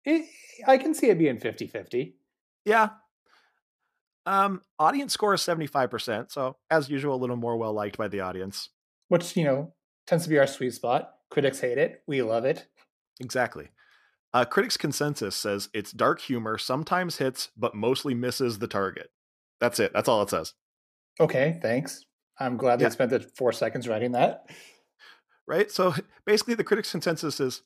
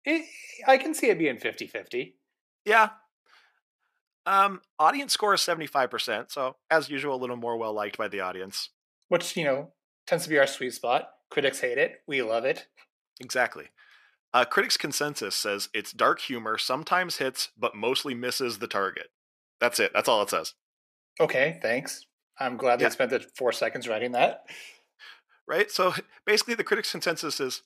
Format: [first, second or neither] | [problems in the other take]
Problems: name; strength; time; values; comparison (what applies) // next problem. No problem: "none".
first | thin; very slightly; fading below 1 kHz